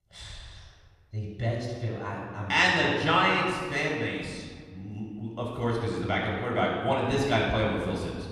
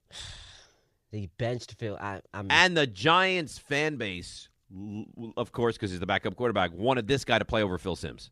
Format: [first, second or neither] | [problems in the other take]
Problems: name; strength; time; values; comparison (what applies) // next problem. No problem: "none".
second | off-mic speech; far // room echo; noticeable; dies away in 1.5 s